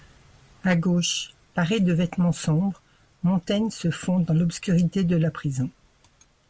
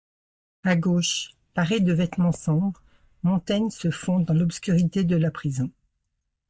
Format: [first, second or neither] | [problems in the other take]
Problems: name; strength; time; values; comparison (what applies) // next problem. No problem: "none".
first | noise reduction (neural mask model DeepFilterNet 3)